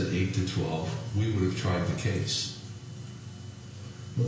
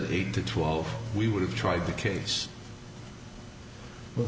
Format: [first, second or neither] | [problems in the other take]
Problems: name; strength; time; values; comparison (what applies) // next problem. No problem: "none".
second | room echo; dies away in 0.5 s